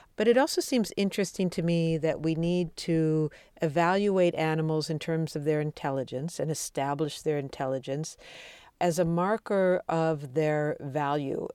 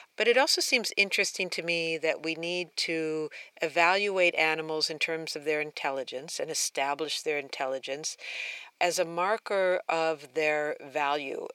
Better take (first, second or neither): first